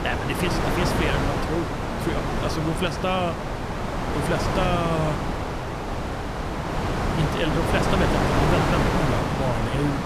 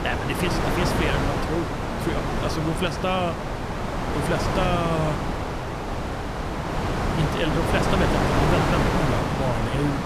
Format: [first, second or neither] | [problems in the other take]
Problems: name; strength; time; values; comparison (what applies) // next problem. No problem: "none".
neither | wind noise on the microphone; heavy; 2 dB above the speech; the same in both